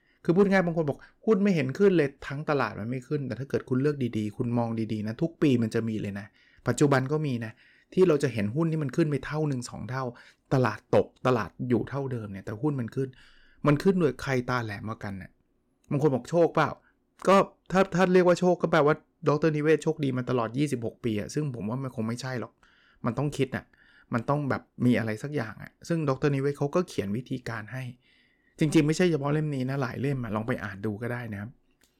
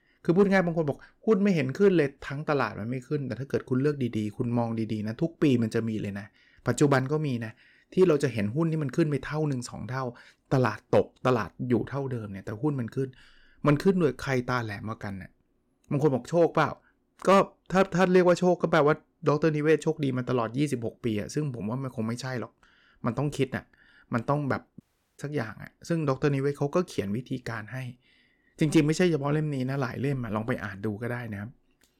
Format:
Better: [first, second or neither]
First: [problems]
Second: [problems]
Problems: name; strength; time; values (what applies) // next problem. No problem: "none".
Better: first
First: none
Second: audio cutting out; at 25 s